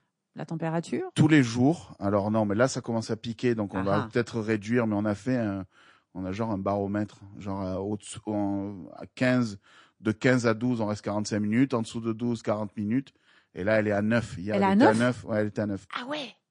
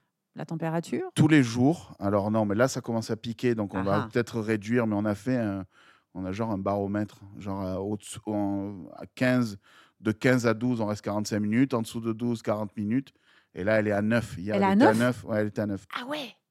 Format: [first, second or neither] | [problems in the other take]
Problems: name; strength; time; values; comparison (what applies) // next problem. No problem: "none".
second | garbled, watery; slightly; nothing above 8.5 kHz